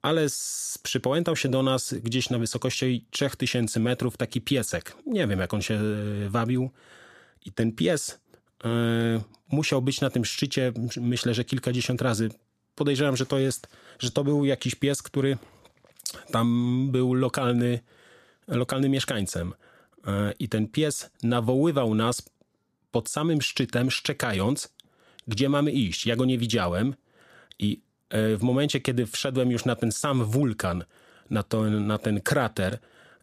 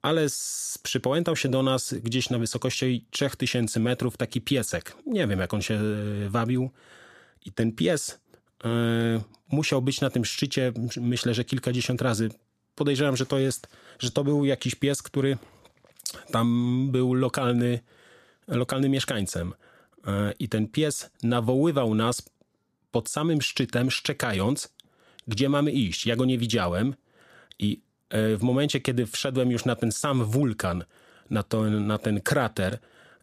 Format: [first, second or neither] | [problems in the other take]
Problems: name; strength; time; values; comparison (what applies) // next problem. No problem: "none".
neither | none